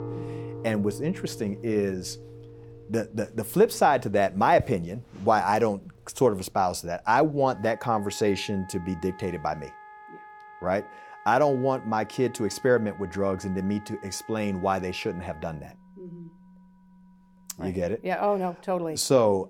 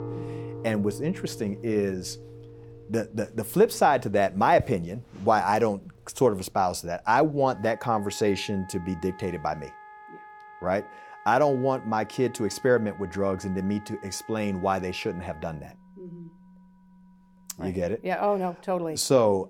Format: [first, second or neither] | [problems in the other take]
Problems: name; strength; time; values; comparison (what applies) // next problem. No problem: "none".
neither | background music; noticeable; throughout; 20 dB below the speech; the same in both